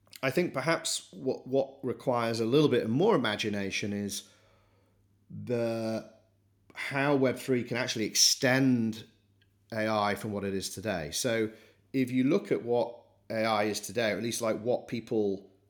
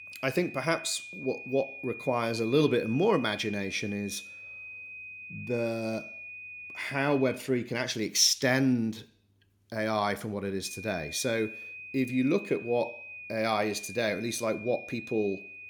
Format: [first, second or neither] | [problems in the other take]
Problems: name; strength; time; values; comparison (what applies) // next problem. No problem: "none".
first | high-pitched whine; noticeable; until 7.5 s and from 11 s on; 2.5 kHz, 10 dB below the speech